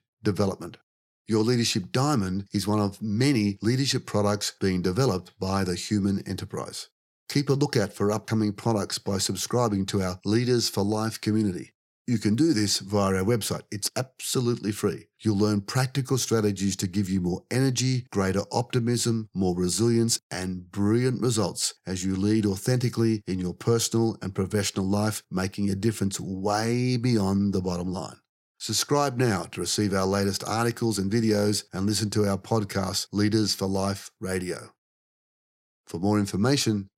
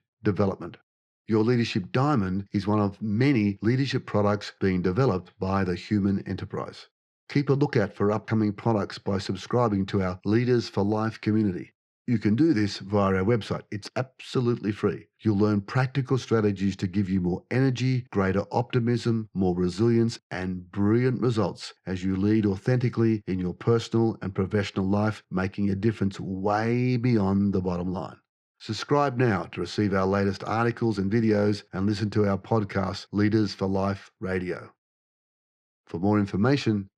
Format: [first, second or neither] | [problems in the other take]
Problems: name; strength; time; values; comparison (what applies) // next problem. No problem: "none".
first | muffled; slightly; fading above 2.5 kHz